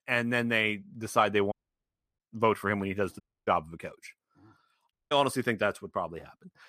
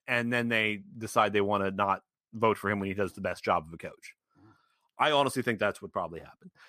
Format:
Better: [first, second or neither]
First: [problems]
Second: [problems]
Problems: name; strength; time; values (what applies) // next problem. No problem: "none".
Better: second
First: audio cutting out; at 1.5 s for 0.5 s, at 3 s and at 5 s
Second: none